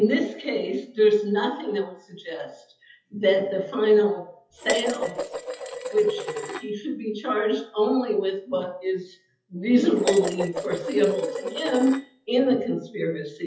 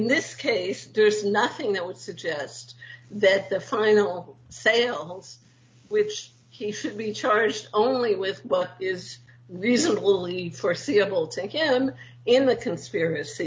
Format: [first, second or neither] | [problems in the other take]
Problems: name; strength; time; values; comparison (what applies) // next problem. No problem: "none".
second | noise reduction (classical method WPE with log-MMSE)